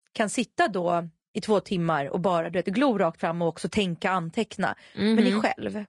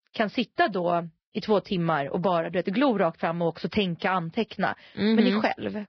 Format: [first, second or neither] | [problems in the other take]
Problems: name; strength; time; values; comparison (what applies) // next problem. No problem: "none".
first | garbled, watery; badly; nothing above 5 kHz; slightly in the first